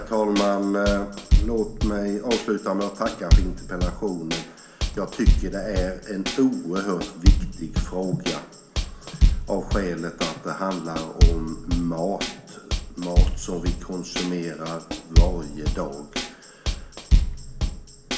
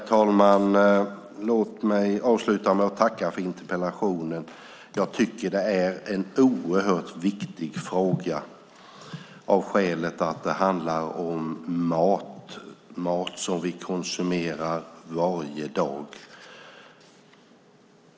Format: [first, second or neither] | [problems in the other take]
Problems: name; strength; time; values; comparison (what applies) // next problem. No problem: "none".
second | background sound (Drum kit); 4 dB above the speech // room echo; dies away in 1.2 s